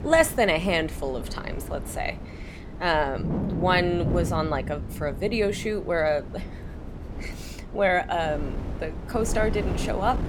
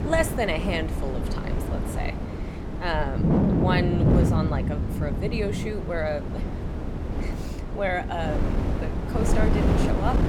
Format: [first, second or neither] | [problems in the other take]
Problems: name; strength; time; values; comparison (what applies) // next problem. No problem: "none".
first | wind noise on the microphone; heavy; 3 dB below the speech; occasional gusts in the first